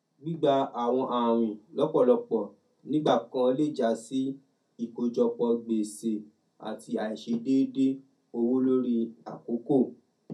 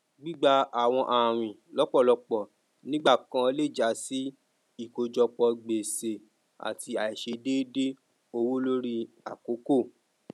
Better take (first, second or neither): second